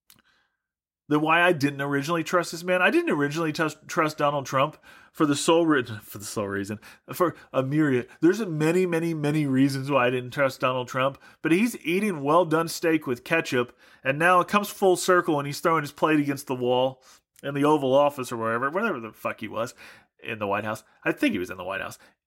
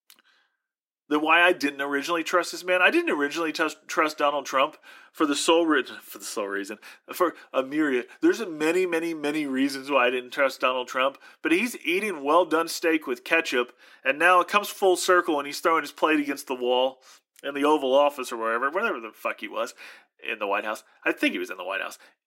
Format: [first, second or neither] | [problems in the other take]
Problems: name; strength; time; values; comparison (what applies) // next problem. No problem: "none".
first | thin; very slightly; fading below 300 Hz